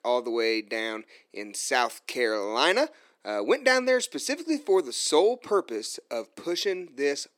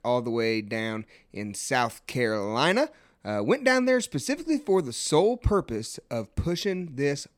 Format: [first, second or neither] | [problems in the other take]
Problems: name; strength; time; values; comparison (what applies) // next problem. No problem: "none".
second | thin; somewhat; fading below 350 Hz